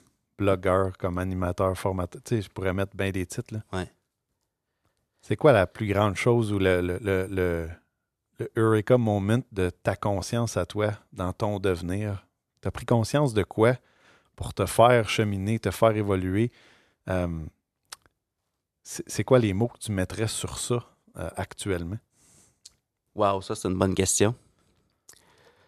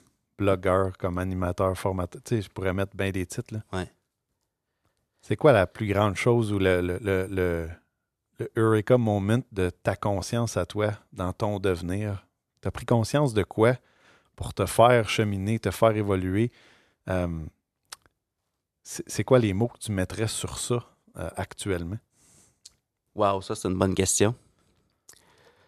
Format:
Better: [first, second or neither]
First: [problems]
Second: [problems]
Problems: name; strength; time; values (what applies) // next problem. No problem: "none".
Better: neither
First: none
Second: none